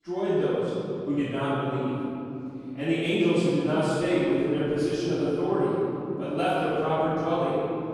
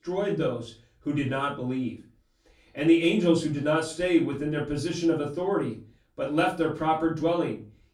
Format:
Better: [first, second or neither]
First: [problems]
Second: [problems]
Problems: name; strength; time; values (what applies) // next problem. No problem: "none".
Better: second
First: room echo; strong; dies away in 3 s // off-mic speech; far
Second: room echo; slight; dies away in 0.3 s // off-mic speech; far